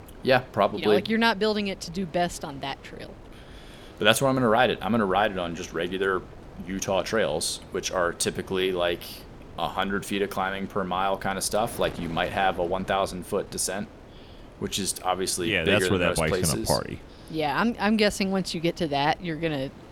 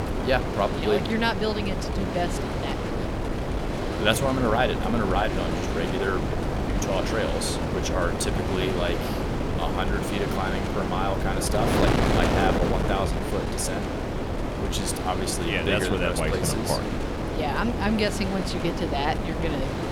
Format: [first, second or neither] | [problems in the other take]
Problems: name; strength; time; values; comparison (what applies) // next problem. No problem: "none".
first | wind noise on the microphone; heavy; 2 dB below the speech; occasional gusts in the first